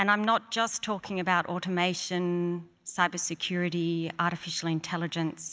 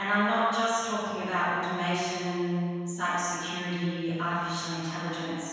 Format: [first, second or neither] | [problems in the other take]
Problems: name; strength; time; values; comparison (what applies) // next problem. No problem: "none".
first | room echo; dies away in 1.9 s